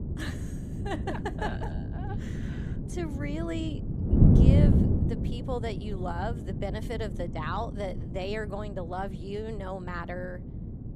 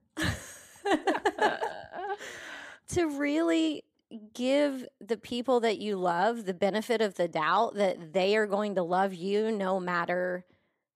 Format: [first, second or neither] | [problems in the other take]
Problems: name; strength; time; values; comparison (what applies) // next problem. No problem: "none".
second | wind noise on the microphone; heavy; 2 dB below the speech